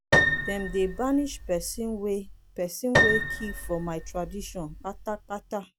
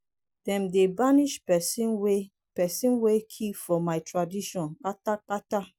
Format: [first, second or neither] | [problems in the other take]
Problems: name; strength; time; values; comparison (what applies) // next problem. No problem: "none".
second | background sound (Piano); 2 dB above the speech